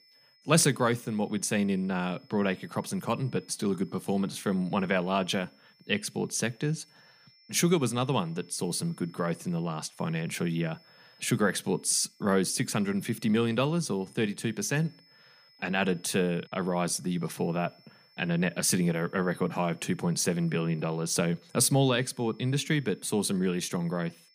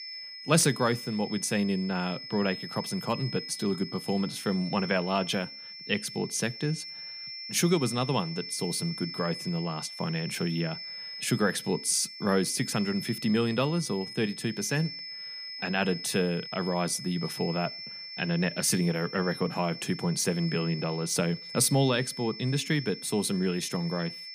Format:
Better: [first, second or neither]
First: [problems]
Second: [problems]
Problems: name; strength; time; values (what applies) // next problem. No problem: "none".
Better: first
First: high-pitched whine; faint; throughout; 5 kHz, 30 dB below the speech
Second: high-pitched whine; loud; throughout; 5 kHz, 10 dB below the speech